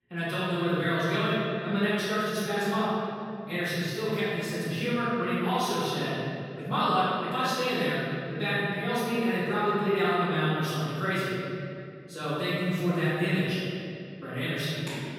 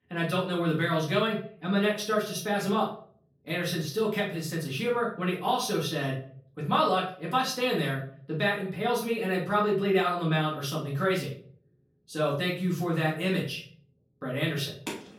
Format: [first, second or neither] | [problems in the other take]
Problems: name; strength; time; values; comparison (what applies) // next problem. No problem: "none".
second | room echo; strong; dies away in 2.3 s; slight in the second // off-mic speech; far; far in the second